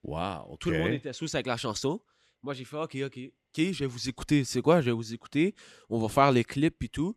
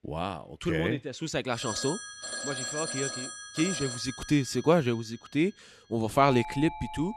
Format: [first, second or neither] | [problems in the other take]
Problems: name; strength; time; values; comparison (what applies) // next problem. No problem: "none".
first | alarms or sirens; loud; from 1.5 s on; 7 dB below the speech